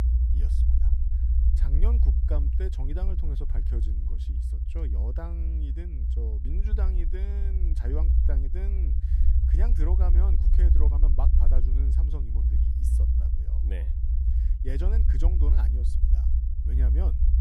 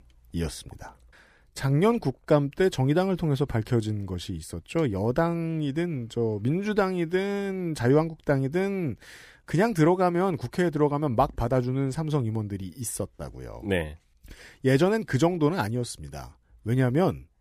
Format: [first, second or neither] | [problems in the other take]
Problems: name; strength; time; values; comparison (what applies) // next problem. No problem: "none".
second | low rumble; loud; throughout; 1 dB below the speech